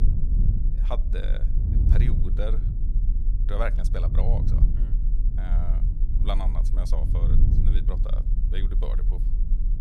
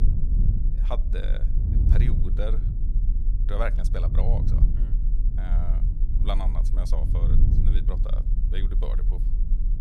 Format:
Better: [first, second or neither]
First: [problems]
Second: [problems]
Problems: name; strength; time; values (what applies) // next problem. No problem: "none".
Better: neither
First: low rumble; loud; throughout; 5 dB below the speech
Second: low rumble; loud; throughout; 5 dB below the speech